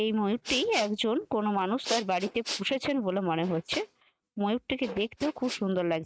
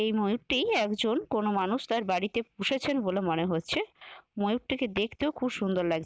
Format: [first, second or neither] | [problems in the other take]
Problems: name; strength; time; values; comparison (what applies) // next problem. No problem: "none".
second | noise reduction (neural mask model RNNoise)